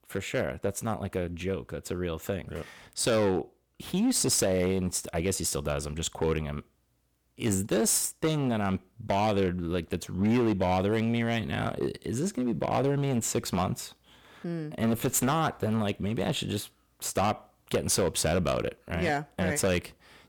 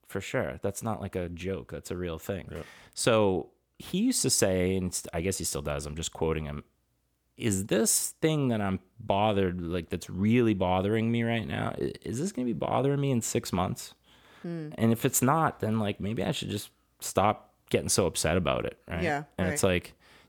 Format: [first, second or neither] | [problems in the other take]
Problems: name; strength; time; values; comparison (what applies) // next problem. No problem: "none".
second | distortion; slight; 7% of the sound clipped